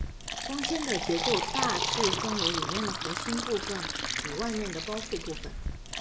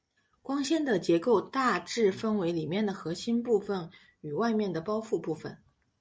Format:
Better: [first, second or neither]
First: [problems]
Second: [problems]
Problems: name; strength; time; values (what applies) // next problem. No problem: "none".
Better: second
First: background sound (Fill (with liquid)); 1 dB above the speech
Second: none